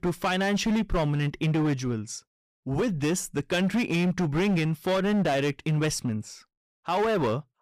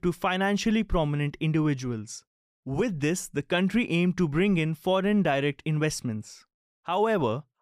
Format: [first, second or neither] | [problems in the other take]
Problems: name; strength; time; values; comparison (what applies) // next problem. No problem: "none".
second | distortion; slight; 16% of the sound clipped